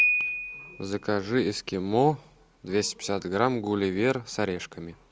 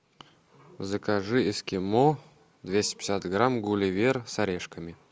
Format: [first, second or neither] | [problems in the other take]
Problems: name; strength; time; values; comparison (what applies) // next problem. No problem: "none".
second | background sound (Piano); 6 dB below the speech